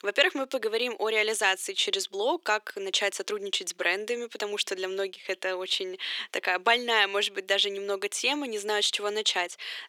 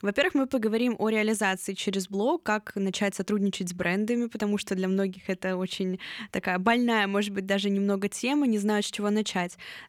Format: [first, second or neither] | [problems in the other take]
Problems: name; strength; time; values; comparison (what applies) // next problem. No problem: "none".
second | thin; very; fading below 350 Hz